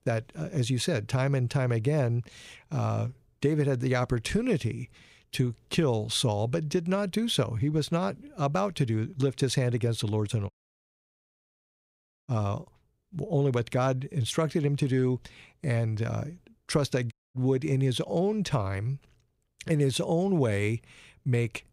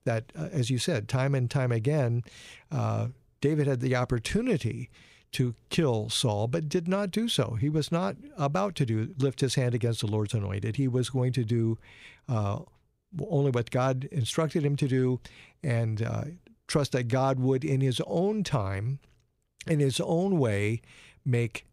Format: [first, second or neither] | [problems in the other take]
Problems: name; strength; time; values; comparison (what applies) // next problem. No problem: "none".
second | audio cutting out; at 11 s for 2 s and at 17 s